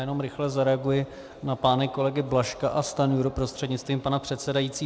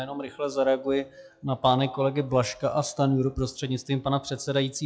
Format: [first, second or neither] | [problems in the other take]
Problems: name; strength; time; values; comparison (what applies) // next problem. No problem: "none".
first | noise reduction (classical method log-MMSE)